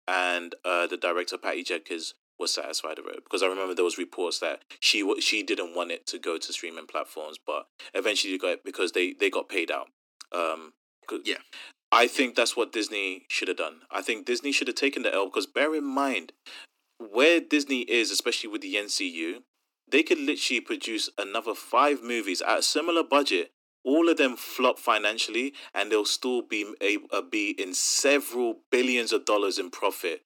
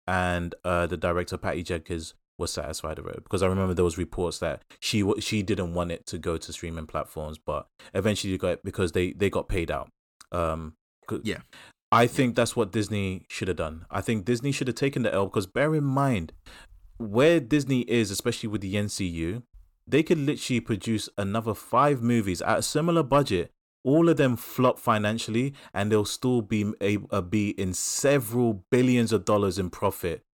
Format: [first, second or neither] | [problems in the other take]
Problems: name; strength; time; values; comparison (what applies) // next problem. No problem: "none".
second | thin; somewhat; fading below 250 Hz